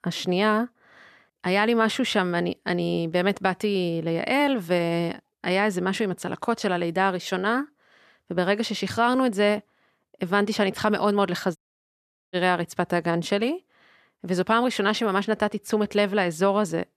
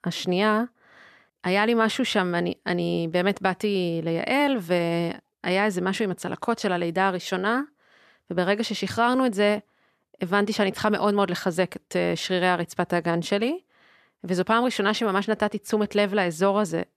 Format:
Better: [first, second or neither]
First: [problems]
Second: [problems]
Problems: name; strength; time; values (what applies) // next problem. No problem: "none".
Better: second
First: audio cutting out; at 12 s for 1 s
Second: none